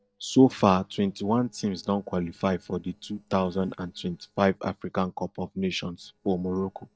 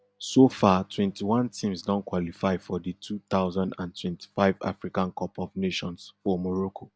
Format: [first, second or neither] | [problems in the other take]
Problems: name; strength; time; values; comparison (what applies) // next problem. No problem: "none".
second | noise reduction (neural separator model SepFormer DNS4)